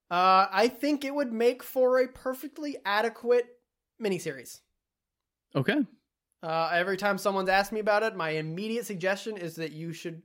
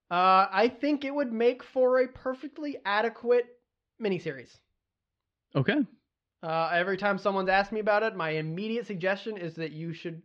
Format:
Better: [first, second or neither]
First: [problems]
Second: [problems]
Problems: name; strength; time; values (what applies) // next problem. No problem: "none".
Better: first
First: none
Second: muffled; very slightly; fading above 4 kHz